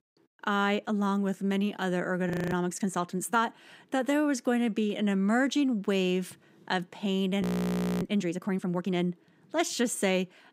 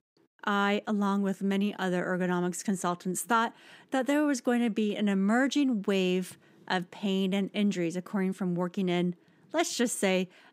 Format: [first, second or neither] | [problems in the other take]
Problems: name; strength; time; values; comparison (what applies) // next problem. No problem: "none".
second | audio freezing; at 2.5 s and at 7.5 s for 0.5 s